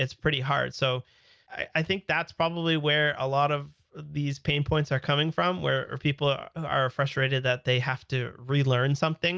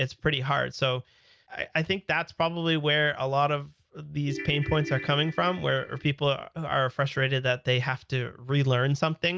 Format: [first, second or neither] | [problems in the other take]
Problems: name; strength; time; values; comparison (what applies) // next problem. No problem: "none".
first | background sound (Ringtone / Keyboard (musical)); 12 dB below the speech